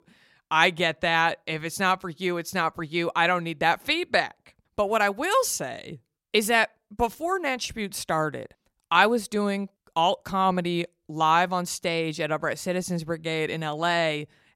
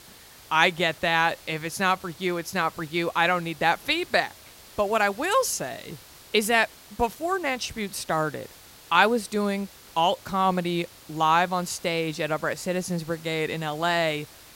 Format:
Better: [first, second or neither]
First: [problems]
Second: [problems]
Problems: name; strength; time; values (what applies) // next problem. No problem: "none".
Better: first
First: none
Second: hiss; faint; throughout; 20 dB below the speech